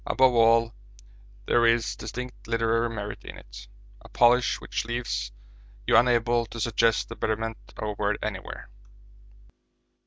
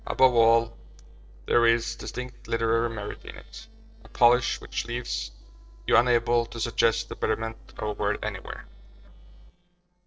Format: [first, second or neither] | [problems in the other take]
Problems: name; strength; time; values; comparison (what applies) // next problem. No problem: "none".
first | noise reduction (neural separator model SepFormer DNS4)